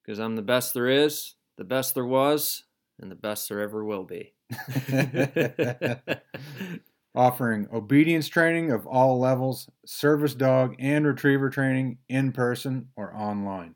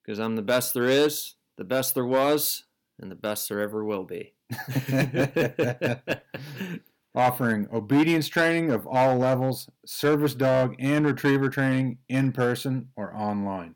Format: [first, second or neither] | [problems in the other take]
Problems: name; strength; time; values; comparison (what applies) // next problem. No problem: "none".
first | distortion; slight; 4% of the sound clipped